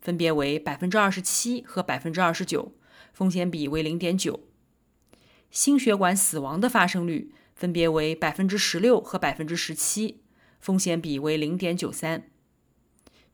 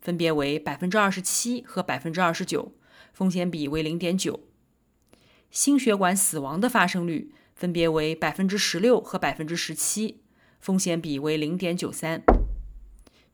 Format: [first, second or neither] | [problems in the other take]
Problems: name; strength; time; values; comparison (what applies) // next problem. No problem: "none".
first | door banging; loud; at 12 s; peak 3 dB above the speech